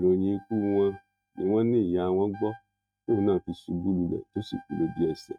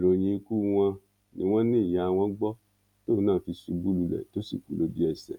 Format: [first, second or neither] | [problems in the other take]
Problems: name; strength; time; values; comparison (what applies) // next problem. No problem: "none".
second | noise reduction (neural mask model RNNoise)